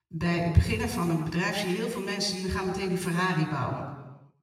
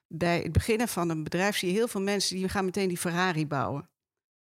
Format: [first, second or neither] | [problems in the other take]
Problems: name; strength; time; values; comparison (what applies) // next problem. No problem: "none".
second | room echo; noticeable; dies away in 1.2 s // off-mic speech; far